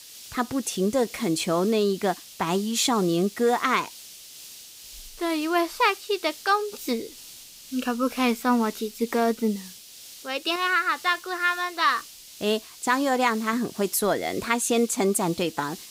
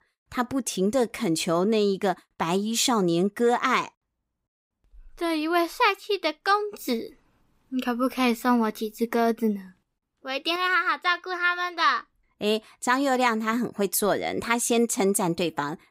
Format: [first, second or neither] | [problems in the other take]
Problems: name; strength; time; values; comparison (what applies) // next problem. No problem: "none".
second | hiss; noticeable; throughout; 15 dB below the speech